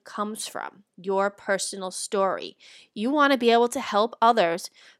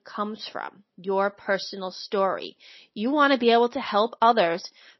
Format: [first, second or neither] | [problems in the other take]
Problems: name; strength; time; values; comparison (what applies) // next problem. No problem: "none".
first | garbled, watery; slightly; nothing above 5.5 kHz